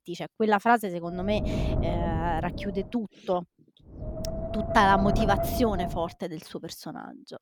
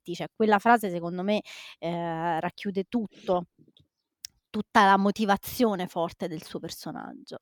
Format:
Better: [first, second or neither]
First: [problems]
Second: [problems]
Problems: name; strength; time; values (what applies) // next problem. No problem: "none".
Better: second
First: wind noise on the microphone; heavy; from 1 to 3 s and from 4 to 6 s; 7 dB below the speech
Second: none